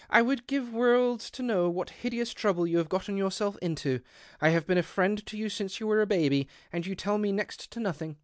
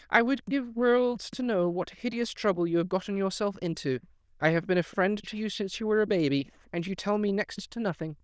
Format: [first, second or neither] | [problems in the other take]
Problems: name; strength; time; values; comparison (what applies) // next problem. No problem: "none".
first | noise reduction (neural diffusion model UNIVERSE++)